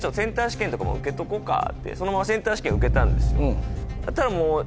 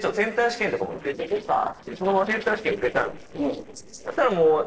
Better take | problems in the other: first | noise reduction (neural separator model SepFormer DNS4)

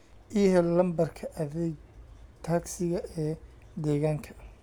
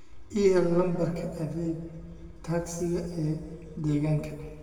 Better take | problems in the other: first | room echo; dies away in 1.5 s

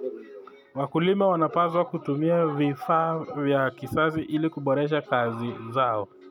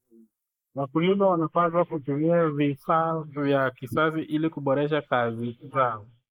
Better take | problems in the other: first | noise reduction (neural mask model Resemble Enhance denoiser)

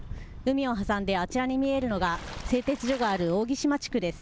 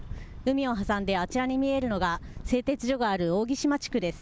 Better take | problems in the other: second | background sound (Water / Splash, splatter); 18 dB below the speech

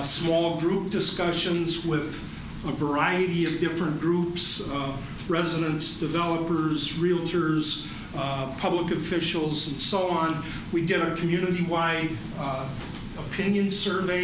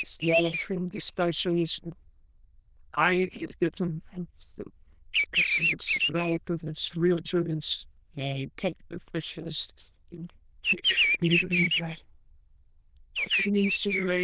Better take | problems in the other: first | noise reduction (neural diffusion model UNIVERSE++)

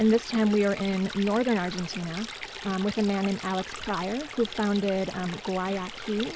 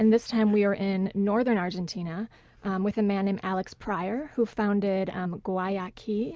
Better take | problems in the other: second | background sound (Stream); 12 dB below the speech

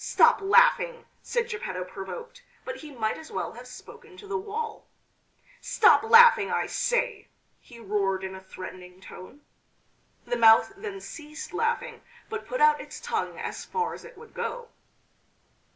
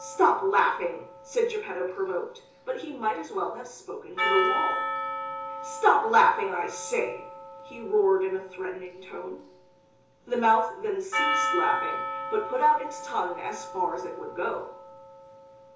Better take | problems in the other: first | background sound (Percussion); 6 dB below the speech // room echo; dies away in 0.7 s

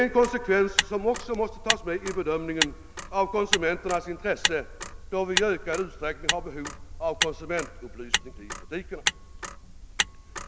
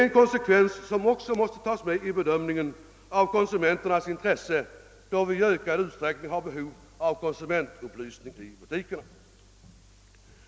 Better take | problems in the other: second | background sound (Motor vehicle (road)); 3 dB below the speech

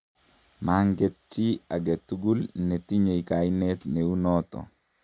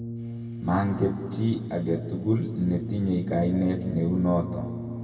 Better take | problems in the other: first | background sound (Brass instrument); 9 dB below the speech // room echo; dies away in 1.9 s

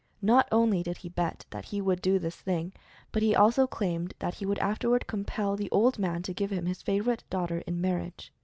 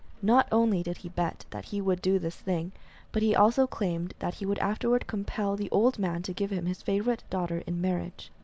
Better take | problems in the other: first | background sound (Rain); 19 dB below the speech

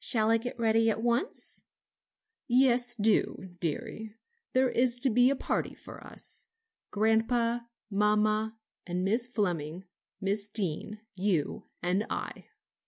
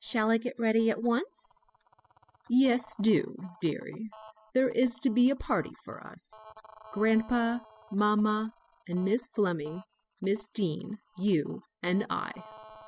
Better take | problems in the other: first | noise reduction (classical method spectral subtraction)

